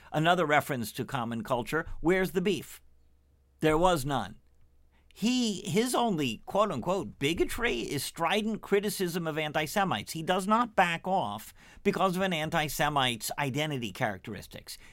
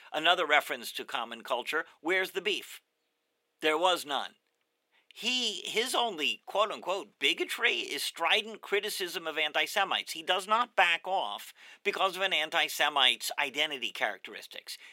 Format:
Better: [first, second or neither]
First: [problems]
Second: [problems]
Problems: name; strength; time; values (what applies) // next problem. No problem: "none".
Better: first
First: none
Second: thin; very; fading below 350 Hz